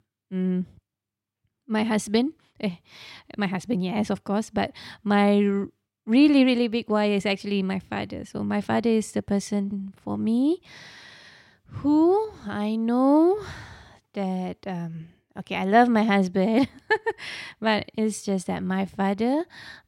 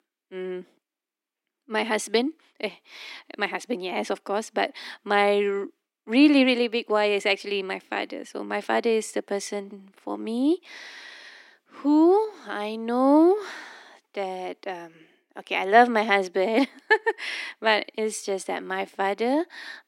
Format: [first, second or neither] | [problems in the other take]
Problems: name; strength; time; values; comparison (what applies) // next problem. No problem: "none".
first | thin; very slightly; fading below 250 Hz